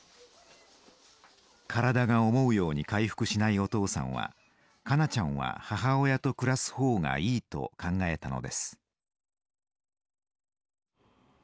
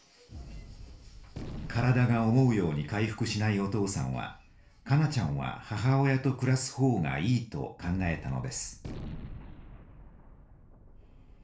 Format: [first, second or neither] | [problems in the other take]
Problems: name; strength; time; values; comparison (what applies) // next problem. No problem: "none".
first | background sound (Gunshot, gunfire); 16 dB below the speech // room echo; dies away in 0.3 s